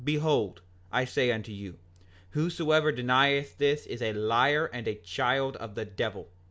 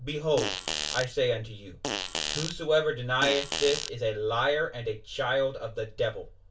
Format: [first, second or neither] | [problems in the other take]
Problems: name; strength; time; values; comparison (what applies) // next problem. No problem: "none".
first | background sound (Fart); 3 dB below the speech // room echo; dies away in 0.2 s